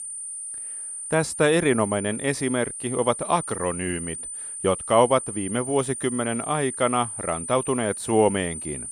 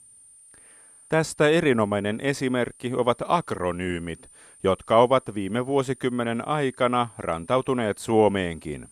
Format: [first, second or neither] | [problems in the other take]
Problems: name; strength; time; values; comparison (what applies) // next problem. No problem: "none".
second | high-pitched whine; loud; throughout; 9 kHz, 7 dB below the speech; faint in the second